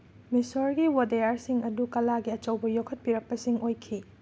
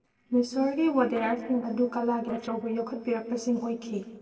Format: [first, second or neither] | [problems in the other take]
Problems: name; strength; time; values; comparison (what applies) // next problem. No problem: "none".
first | noise reduction (neural separator model SepFormer DNS4)